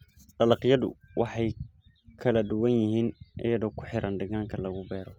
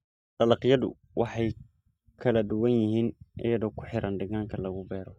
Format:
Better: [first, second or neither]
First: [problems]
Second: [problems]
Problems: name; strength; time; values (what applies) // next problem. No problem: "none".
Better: first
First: none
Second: noise reduction (neural mask model DeepFilterNet 3)